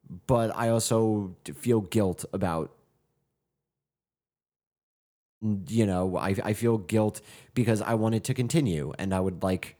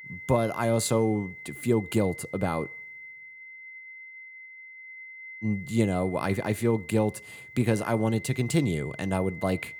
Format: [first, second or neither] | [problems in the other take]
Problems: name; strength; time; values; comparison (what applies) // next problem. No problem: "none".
first | high-pitched whine; noticeable; throughout; 2 kHz, 15 dB below the speech